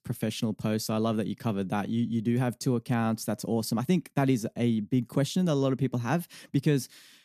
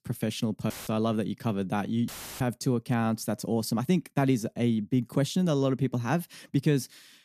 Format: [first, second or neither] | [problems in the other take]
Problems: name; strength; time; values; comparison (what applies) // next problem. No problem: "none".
first | audio cutting out; filled with static; at 0.5 s and at 2 s